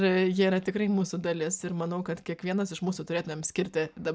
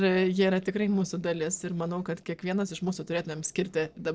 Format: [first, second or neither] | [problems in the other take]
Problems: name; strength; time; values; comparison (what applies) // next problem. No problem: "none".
first | noise reduction (neural separator model SepFormer DNS4)